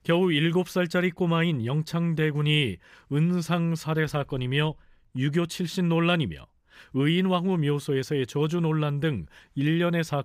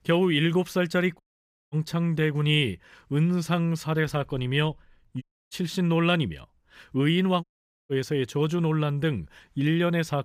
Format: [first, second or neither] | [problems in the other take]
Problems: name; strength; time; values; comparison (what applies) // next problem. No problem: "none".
first | audio cutting out; at 1 s for 0.5 s, at 5 s and at 7.5 s